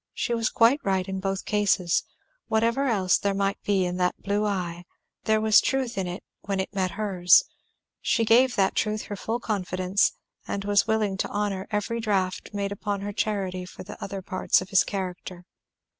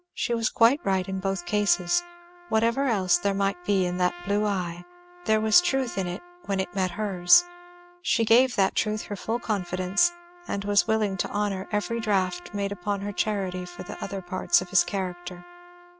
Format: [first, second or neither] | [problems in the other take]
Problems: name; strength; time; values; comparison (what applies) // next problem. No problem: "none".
first | background sound (Trumpet); 20 dB below the speech